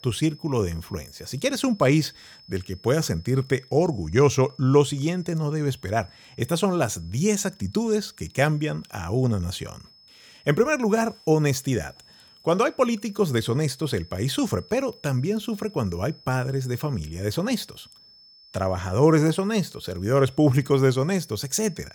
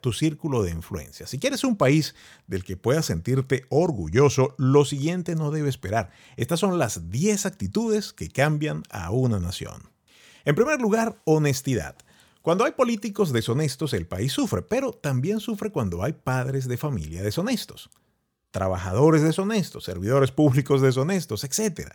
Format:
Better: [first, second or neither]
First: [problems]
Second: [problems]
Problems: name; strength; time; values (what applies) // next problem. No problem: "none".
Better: second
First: high-pitched whine; faint; throughout; 5 kHz, 25 dB below the speech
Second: none